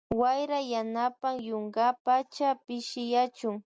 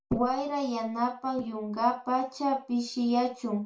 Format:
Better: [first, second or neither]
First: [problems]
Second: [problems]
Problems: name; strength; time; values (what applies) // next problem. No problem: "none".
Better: first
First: none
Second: room echo; dies away in 0.3 s